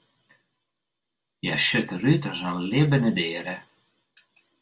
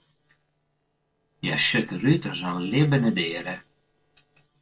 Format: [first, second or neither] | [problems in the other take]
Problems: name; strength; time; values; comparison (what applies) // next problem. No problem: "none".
first | noise reduction (neural separator model SepFormer DNS4)